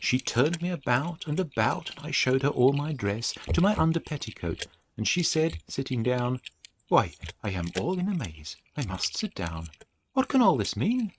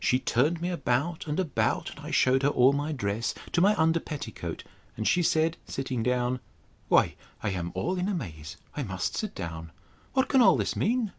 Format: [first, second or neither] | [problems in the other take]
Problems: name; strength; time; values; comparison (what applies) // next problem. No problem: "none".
second | noise reduction (neural mask model RNNoise)